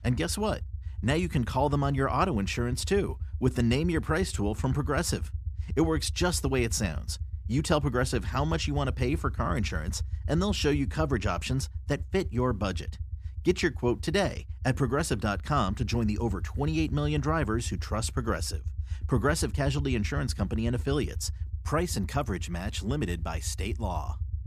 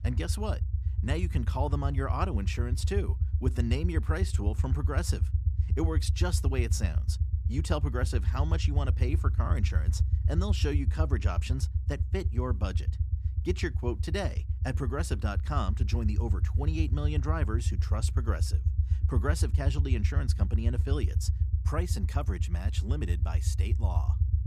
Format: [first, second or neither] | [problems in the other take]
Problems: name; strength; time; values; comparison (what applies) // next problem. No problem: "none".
first | low rumble; loud; throughout; 9 dB below the speech; faint in the first